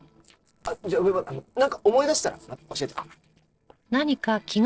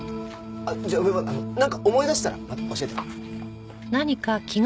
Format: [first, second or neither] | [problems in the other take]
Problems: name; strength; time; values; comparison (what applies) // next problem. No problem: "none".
second | noise reduction (neural separator model SepFormer DNS4)